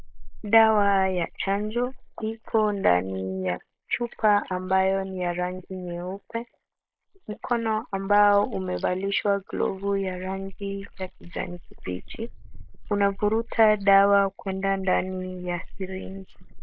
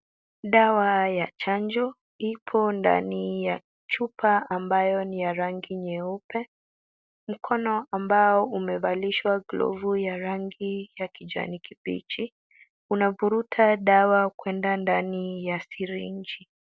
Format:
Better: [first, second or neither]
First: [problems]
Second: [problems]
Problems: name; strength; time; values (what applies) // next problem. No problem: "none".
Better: second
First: noise reduction (neural mask model Resemble Enhance denoiser)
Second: none